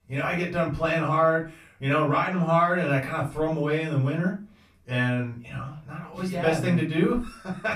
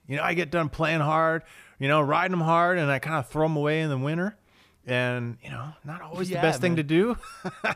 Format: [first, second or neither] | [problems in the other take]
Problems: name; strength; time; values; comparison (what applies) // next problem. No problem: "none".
second | off-mic speech; far // room echo; slight; dies away in 0.3 s